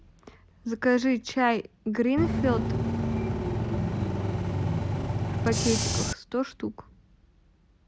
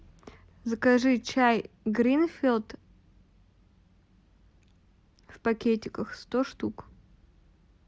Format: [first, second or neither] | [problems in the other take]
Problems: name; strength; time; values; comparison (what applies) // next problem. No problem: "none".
second | background sound (Bus / Engine); 3 dB above the speech